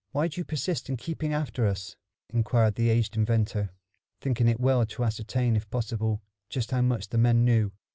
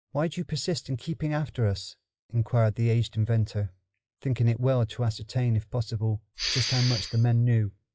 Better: first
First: none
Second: noise reduction (classical method log-MMSE)

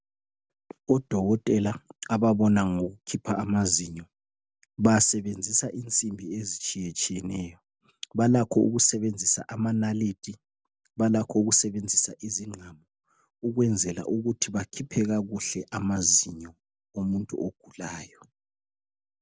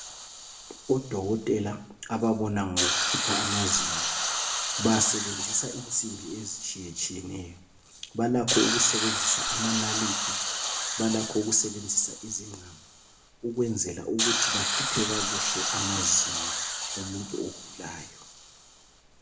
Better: first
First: none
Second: background sound (Hiss); 1 dB below the speech // room echo; dies away in 0.6 s

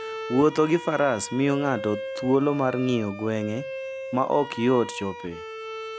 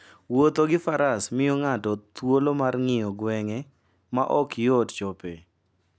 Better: second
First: background sound (Bowed string instrument); 11 dB below the speech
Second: none

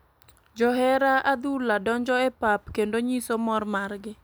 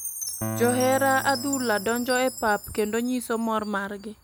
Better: first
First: none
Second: background sound (Piano + Chime); 9 dB below the speech

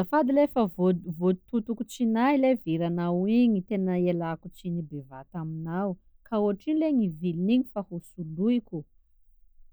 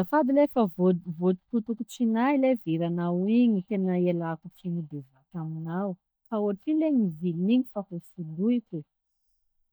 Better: first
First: none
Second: noise reduction (neural mask model DeepFilterNet 3)

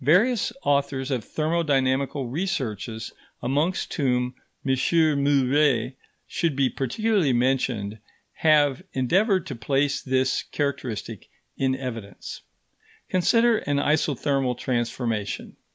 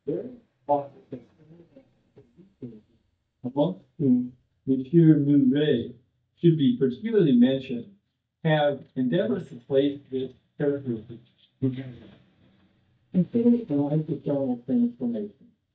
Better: first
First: none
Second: noise reduction (neural mask model DeepFilterNet 3)

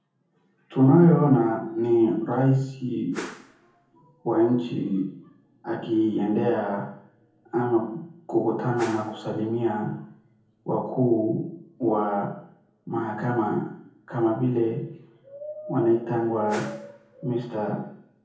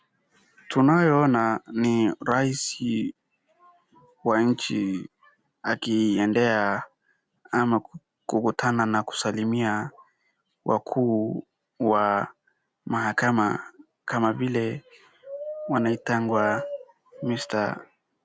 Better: second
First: background sound (Whoosh, swoosh, swish); 16 dB below the speech // room echo; dies away in 0.7 s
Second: none

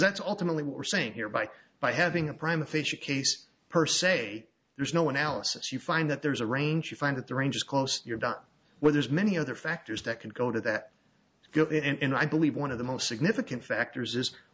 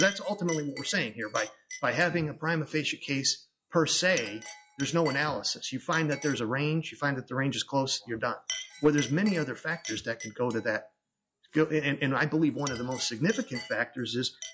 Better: first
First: none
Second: noise reduction (classical method log-MMSE)

